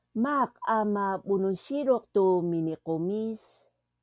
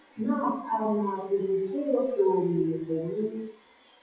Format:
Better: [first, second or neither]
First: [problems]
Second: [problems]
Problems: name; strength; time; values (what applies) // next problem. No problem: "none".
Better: first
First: none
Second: noise reduction (classical method WPE with log-MMSE)